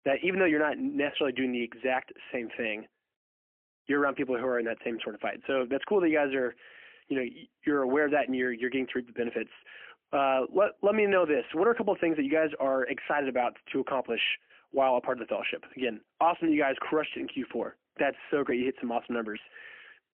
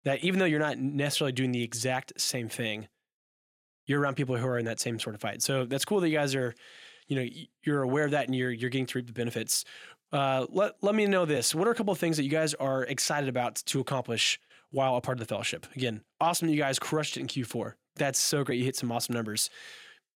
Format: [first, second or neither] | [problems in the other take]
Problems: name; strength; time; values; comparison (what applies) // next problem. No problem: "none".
second | phone-call audio; poor line; nothing above 3 kHz